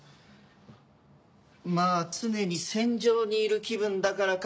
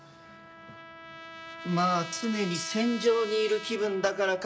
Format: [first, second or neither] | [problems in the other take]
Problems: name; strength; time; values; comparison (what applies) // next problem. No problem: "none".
first | background sound (Trumpet); 13 dB below the speech